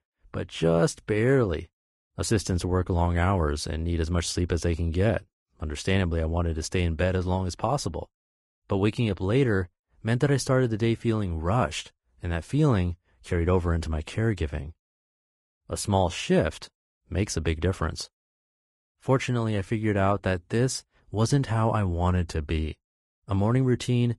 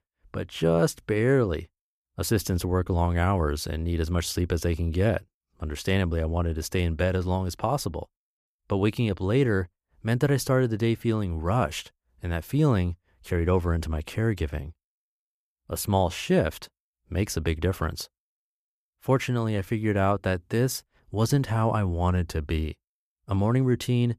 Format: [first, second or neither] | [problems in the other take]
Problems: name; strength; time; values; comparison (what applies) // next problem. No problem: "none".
second | garbled, watery; slightly; nothing above 10.5 kHz